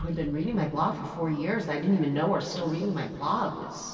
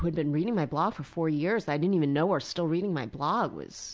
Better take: second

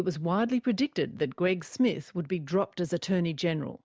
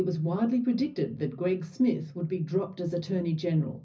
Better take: first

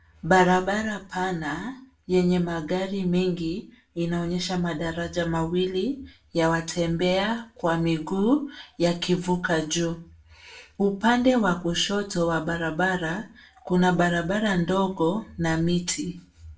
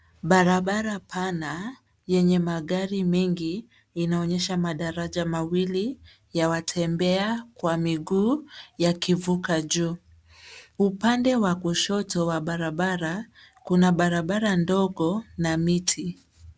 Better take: second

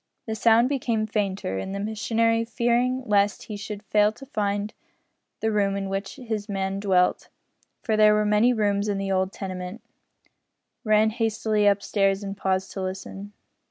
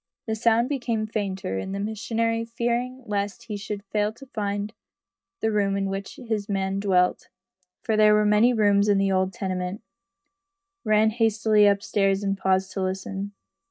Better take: first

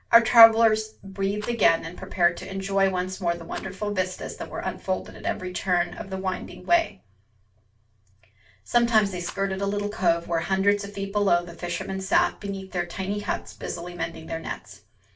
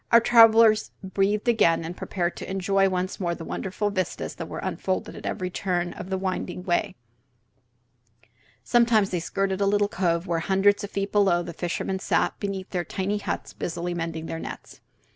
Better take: second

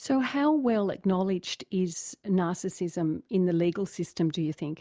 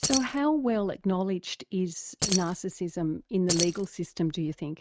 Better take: first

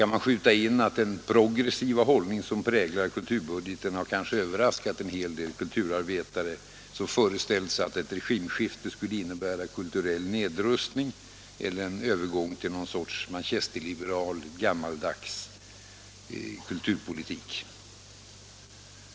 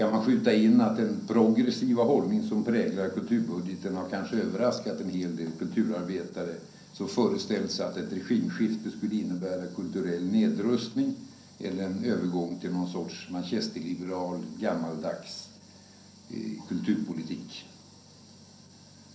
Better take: first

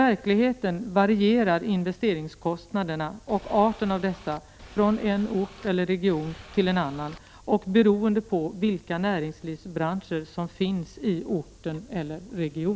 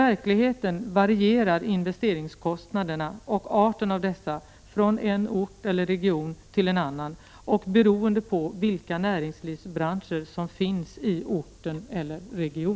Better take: second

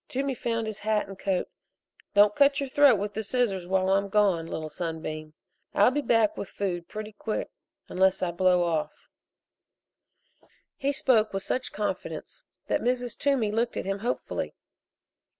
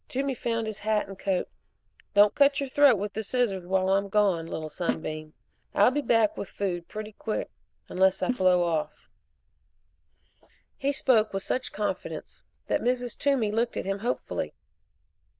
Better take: first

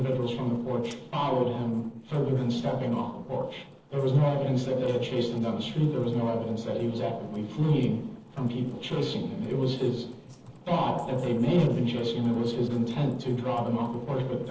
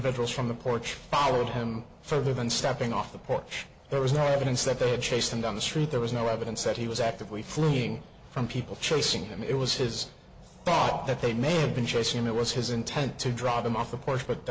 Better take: second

